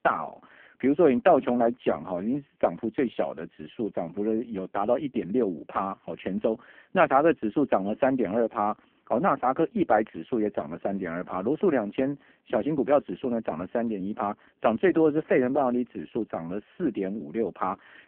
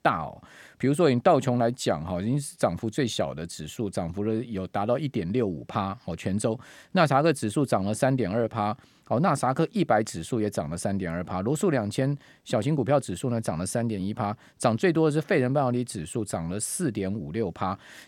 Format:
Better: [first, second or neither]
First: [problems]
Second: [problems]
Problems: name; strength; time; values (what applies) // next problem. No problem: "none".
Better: second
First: phone-call audio; poor line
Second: none